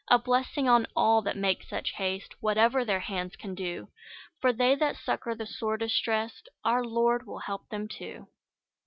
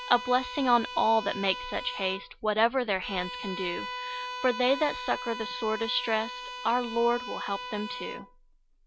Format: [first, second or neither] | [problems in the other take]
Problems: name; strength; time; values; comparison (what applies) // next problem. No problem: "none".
first | background sound (Bowed string instrument); 9 dB below the speech